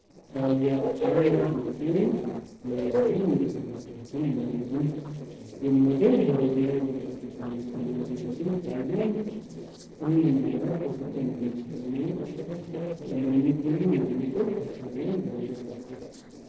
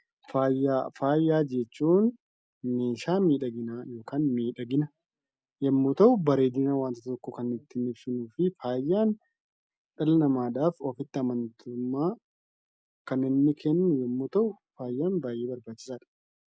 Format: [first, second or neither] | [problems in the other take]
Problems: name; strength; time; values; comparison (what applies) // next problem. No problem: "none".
second | noise reduction (neural separator model SepFormer DNS4)